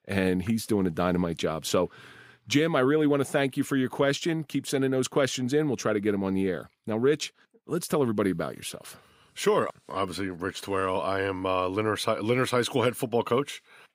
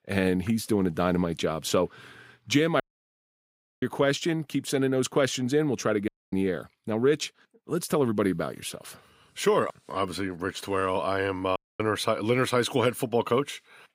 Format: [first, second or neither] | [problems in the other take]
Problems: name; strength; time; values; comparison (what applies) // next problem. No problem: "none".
first | audio cutting out; at 3 s for 1 s, at 6 s and at 12 s